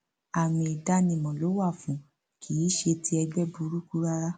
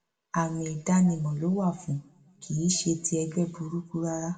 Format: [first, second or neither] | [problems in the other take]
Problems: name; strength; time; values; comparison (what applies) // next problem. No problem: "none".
first | room echo; dies away in 0.4 s